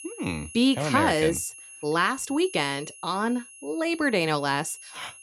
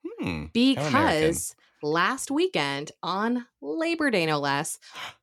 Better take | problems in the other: second | high-pitched whine; noticeable; throughout; 10.5 kHz, 15 dB below the speech

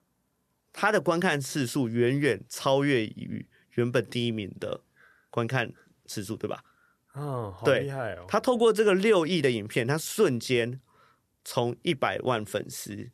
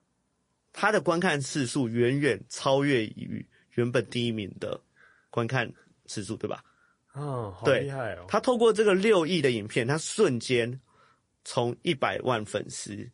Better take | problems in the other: first | garbled, watery; slightly; nothing above 10.5 kHz

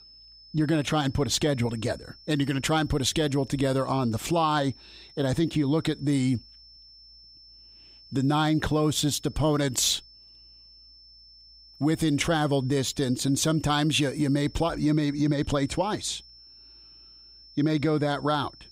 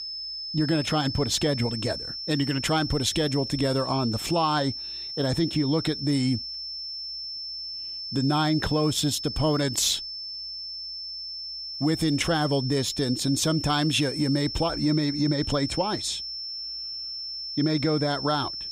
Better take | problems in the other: first | high-pitched whine; loud; throughout; 5.5 kHz, 6 dB below the speech; faint in the first

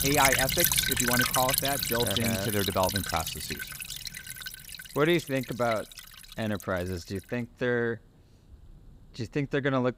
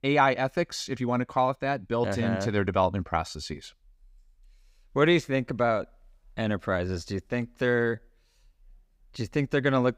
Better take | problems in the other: second | rain or running water; very loud; throughout; 2 dB above the speech

